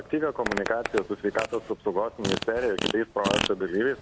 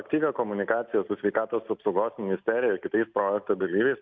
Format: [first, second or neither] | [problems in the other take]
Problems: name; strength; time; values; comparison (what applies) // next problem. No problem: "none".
second | background sound (Fart); 5 dB below the speech